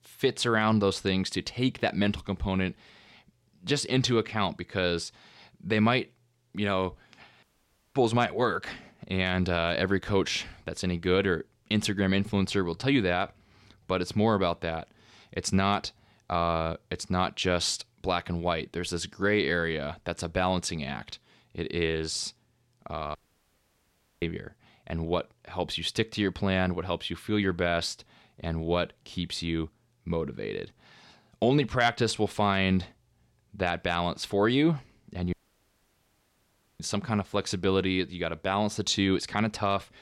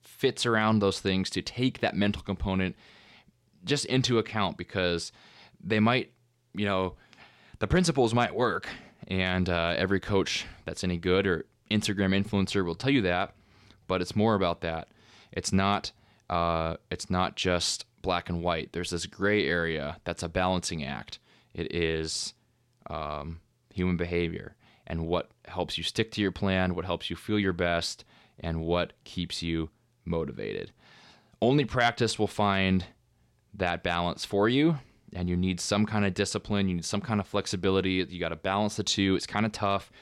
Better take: second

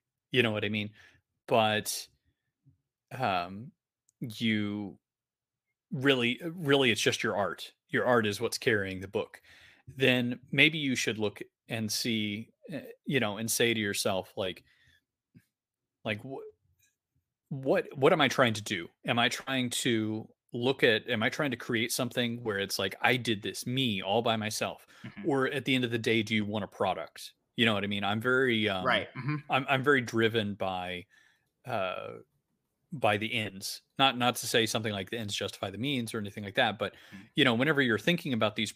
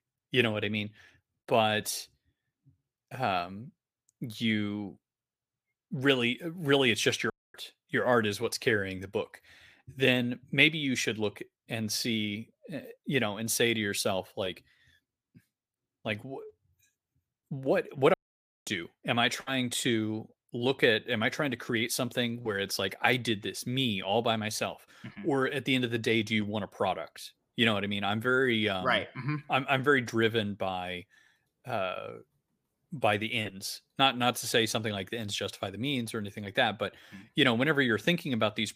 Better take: first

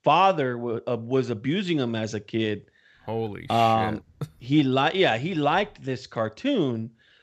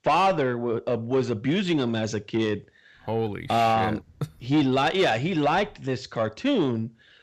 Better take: first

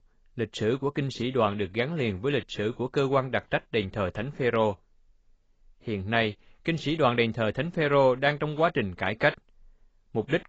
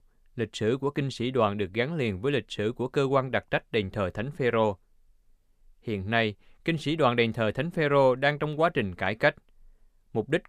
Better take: second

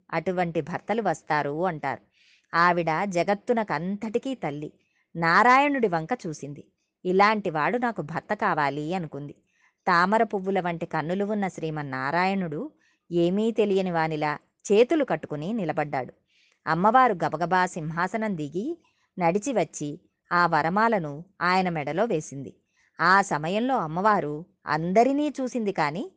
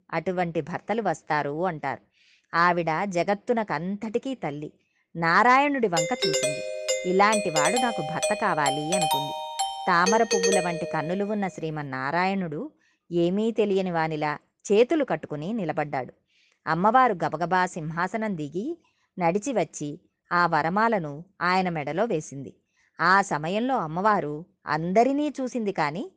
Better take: first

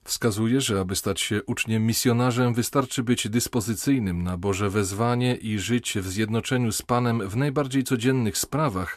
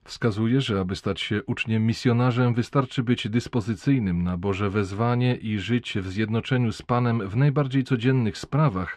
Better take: first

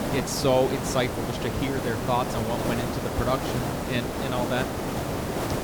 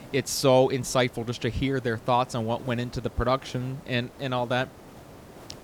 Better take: second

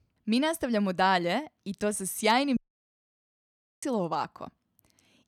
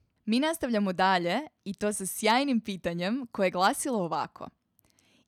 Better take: second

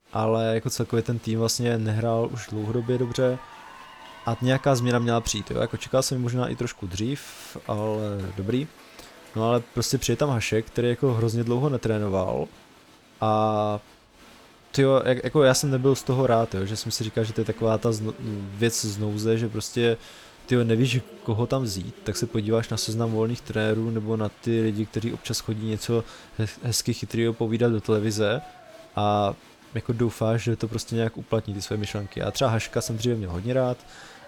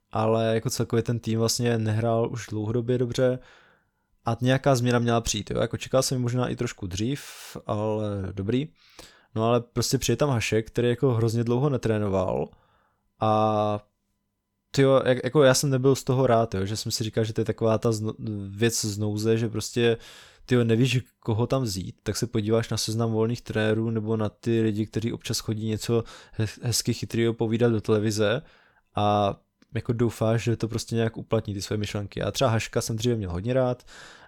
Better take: second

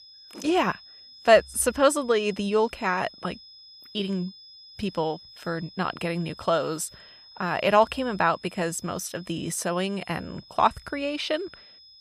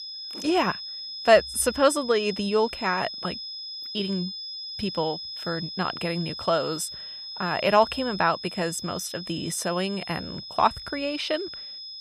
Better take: first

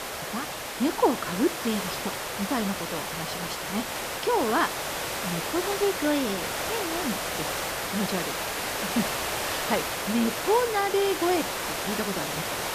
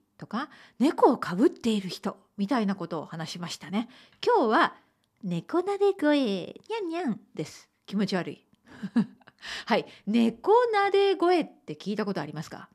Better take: second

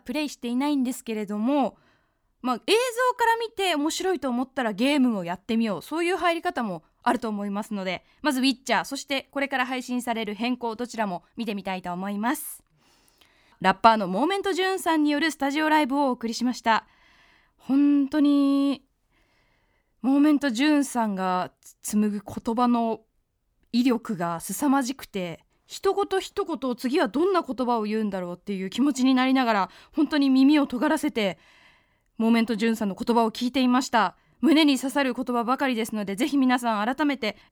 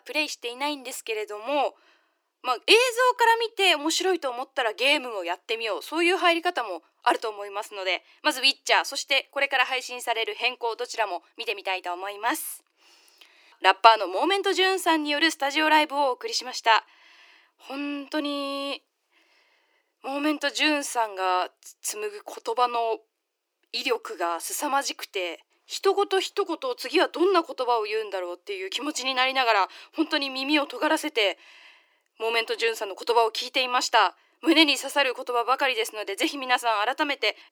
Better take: first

